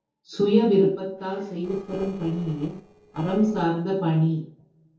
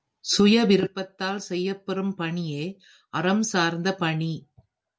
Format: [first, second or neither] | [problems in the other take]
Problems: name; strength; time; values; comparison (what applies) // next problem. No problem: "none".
second | noise reduction (neural separator model SepFormer DNS4)